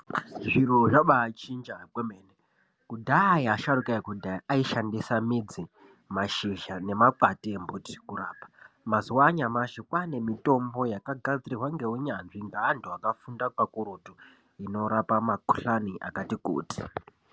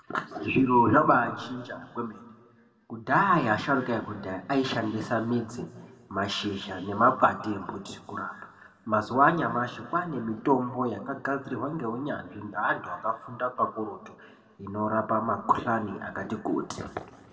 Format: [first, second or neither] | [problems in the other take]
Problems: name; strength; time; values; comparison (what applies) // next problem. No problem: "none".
first | room echo; dies away in 1.5 s